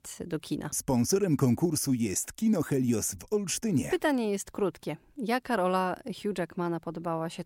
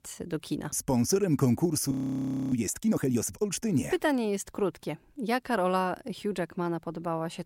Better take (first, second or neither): first